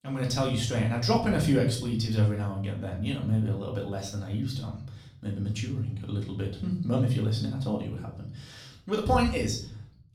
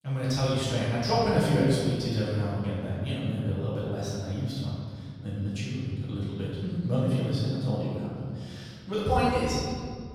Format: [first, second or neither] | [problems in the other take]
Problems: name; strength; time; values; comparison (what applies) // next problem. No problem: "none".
first | room echo; strong; dies away in 2.1 s; slight in the first // off-mic speech; far; far in the first